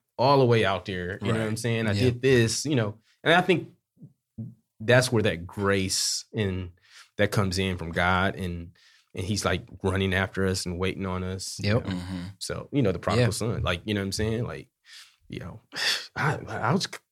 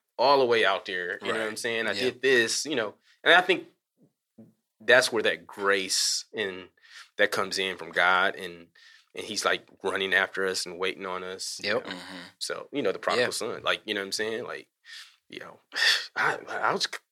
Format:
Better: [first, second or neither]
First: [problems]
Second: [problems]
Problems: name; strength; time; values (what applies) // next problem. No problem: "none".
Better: first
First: none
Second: thin; very; fading below 450 Hz